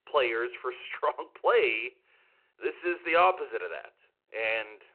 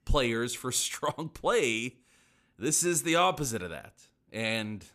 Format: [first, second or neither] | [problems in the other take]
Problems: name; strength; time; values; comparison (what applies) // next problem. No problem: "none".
second | phone-call audio; nothing above 4 kHz